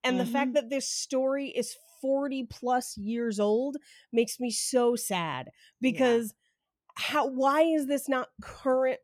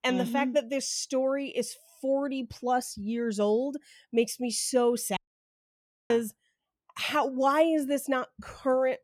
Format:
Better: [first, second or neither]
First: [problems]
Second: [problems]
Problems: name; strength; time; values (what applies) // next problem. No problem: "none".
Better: first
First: none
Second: audio cutting out; at 5 s for 1 s